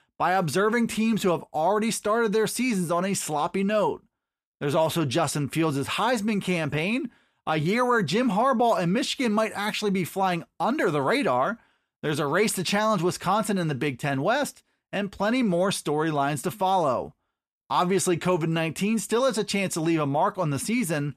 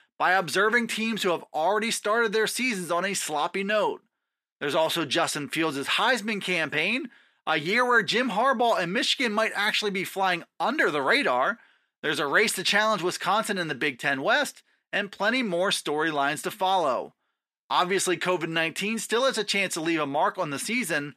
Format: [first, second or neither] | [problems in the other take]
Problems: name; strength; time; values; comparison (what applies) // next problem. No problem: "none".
first | thin; very slightly; fading below 250 Hz